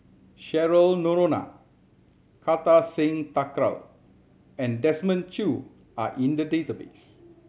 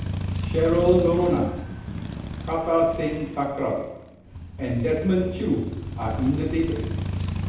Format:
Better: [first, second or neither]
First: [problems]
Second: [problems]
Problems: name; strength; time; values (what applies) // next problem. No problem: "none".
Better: first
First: none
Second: background sound (Motorcycle); 5 dB below the speech // room echo; dies away in 0.9 s